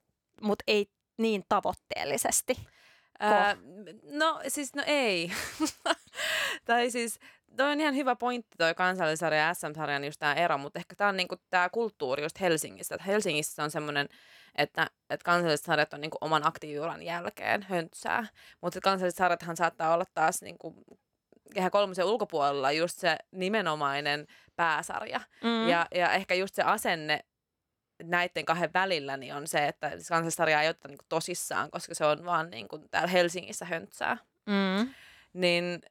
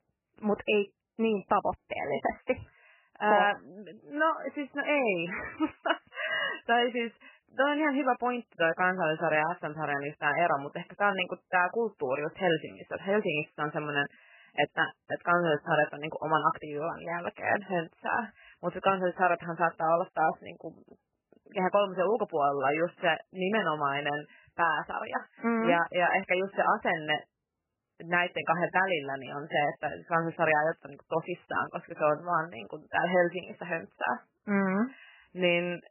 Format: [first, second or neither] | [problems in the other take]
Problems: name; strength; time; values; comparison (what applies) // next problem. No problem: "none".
first | garbled, watery; badly; nothing above 3 kHz